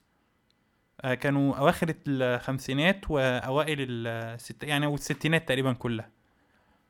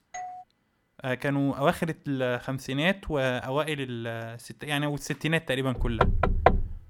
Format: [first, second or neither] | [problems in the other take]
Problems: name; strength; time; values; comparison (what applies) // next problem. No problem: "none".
first | doorbell; faint; at the start; peak 10 dB below the speech // door banging; loud; at 6 s; peak 5 dB above the speech